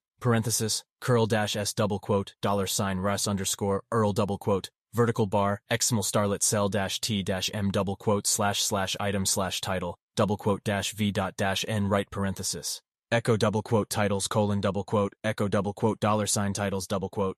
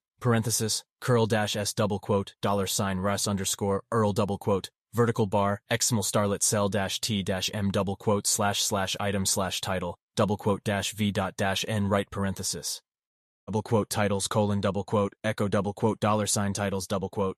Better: first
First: none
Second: audio cutting out; at 13 s

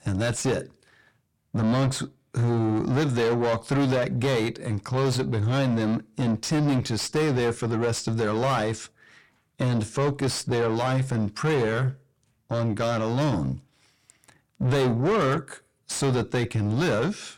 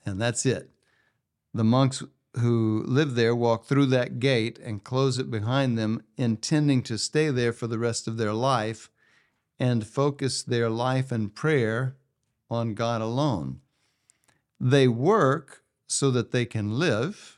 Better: second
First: distortion; heavy; 6 dB below the speech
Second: none

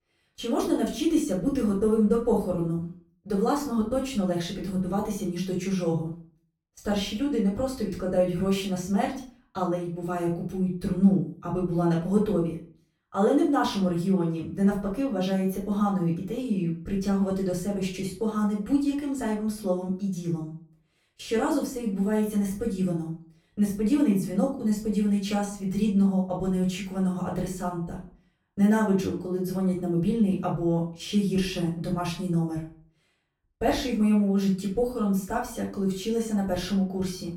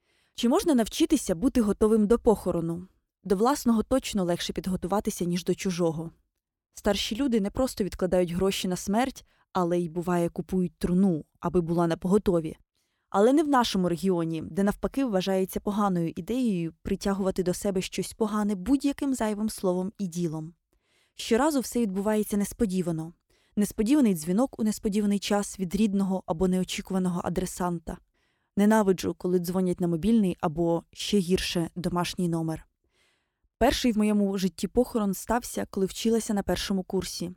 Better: second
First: off-mic speech; far // room echo; slight; dies away in 0.4 s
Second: none

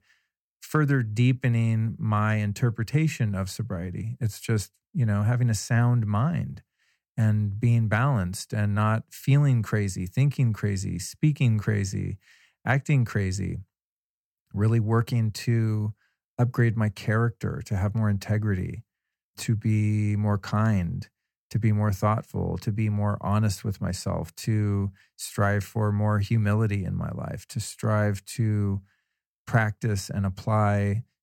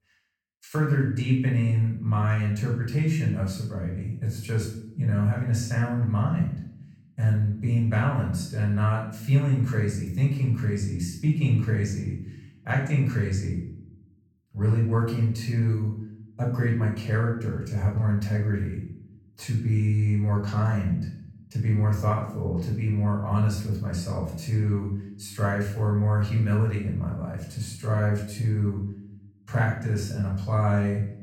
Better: first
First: none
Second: room echo; noticeable; dies away in 0.6 s // off-mic speech; far

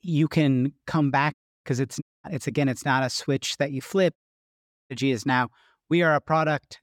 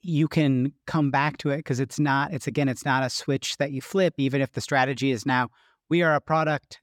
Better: second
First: audio cutting out; at 1.5 s, at 2 s and at 4 s for 0.5 s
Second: none

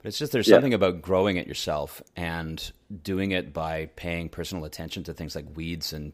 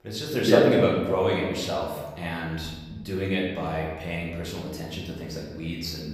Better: first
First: none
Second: room echo; noticeable; dies away in 1.1 s // off-mic speech; far

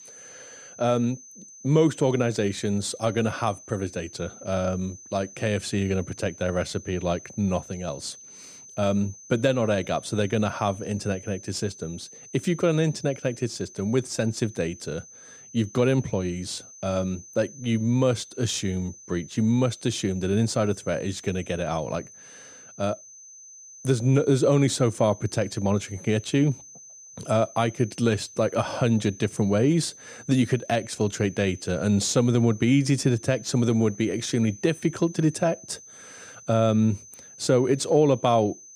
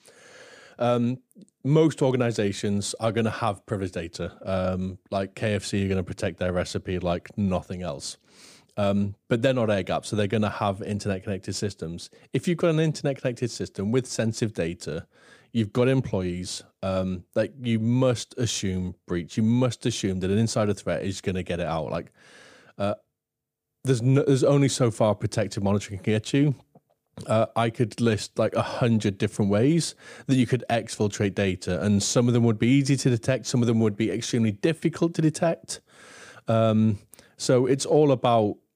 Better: second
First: high-pitched whine; noticeable; throughout; 6 kHz, 20 dB below the speech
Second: none

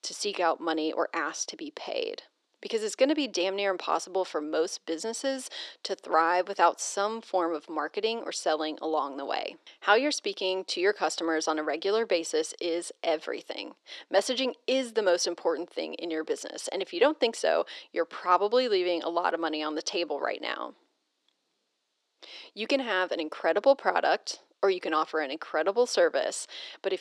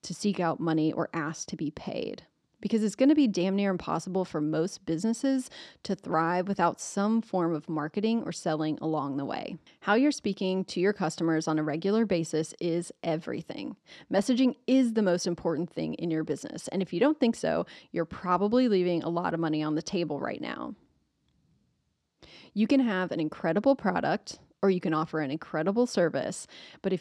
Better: second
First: thin; very; fading below 400 Hz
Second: none

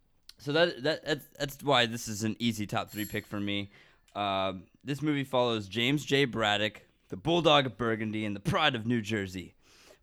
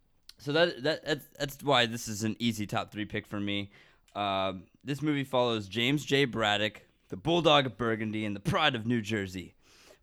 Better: second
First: doorbell; faint; at 3 s; peak 15 dB below the speech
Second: none

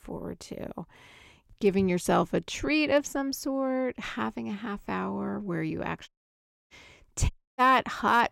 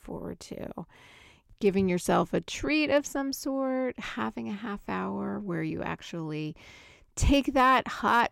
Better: second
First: audio cutting out; at 6 s for 0.5 s and at 7.5 s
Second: none

